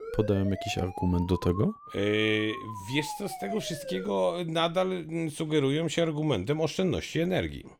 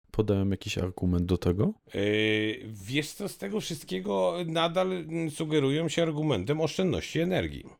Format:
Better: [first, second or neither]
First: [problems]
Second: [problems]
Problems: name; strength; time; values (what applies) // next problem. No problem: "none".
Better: second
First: siren; noticeable; until 4 s; peak 10 dB below the speech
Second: none